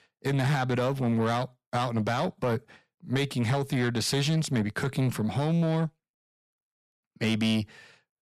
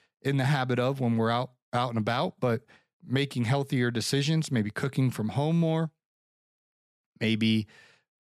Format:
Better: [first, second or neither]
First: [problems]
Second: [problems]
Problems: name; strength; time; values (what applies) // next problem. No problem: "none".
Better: second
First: distortion; slight; 10 dB below the speech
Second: none